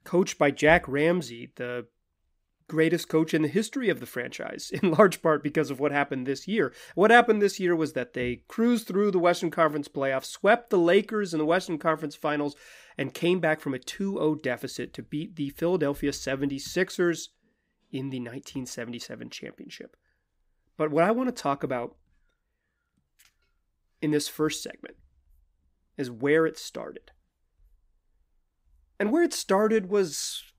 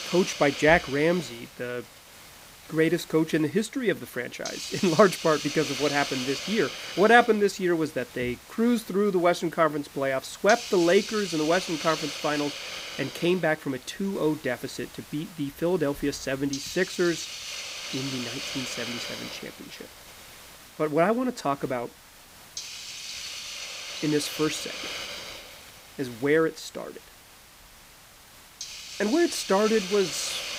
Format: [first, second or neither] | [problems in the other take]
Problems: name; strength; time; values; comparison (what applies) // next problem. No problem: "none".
first | hiss; loud; throughout; 9 dB below the speech